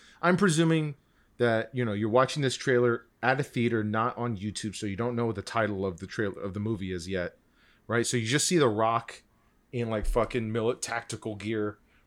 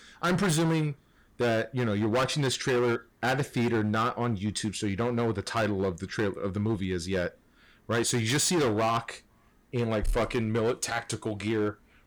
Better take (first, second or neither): first